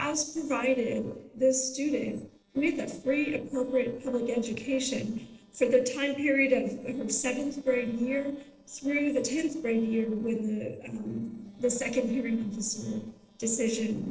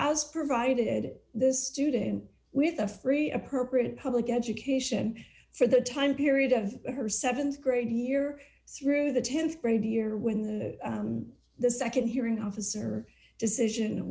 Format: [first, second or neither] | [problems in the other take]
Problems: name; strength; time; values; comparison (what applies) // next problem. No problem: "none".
second | noise reduction (neural separator model SepFormer DNS4)